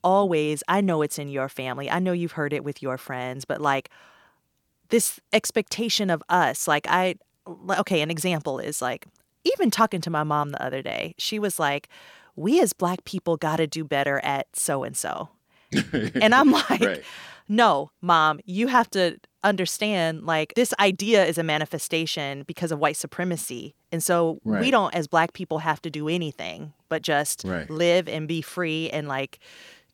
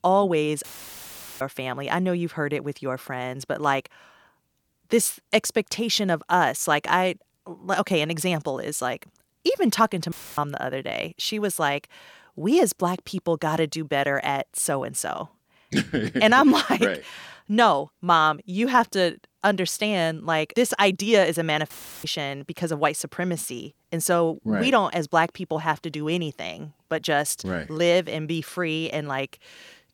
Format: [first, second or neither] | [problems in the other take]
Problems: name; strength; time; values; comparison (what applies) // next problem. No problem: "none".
first | audio cutting out; filled with static; at 0.5 s for 1 s, at 10 s and at 22 s